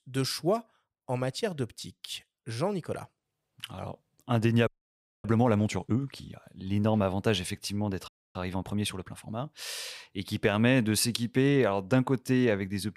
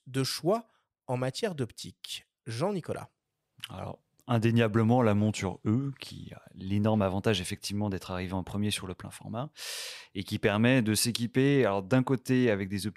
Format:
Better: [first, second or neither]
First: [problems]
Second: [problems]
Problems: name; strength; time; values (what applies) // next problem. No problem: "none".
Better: second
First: audio freezing; at 4.5 s for 0.5 s and at 8 s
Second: none